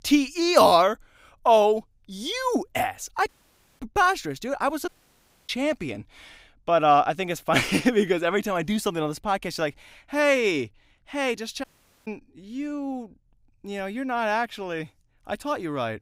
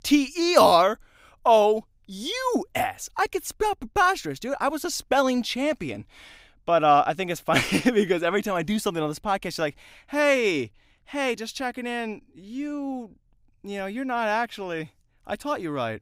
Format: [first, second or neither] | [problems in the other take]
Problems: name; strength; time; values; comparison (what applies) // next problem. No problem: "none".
second | audio cutting out; at 3.5 s for 0.5 s, at 5 s for 0.5 s and at 12 s